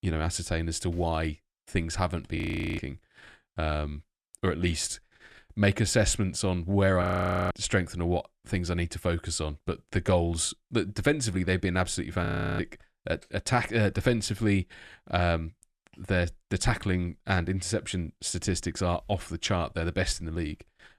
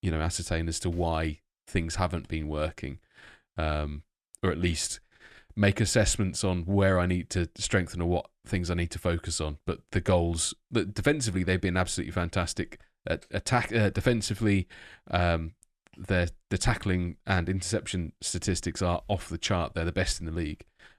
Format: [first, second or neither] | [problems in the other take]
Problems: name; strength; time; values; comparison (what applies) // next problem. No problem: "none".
second | audio freezing; at 2.5 s, at 7 s and at 12 s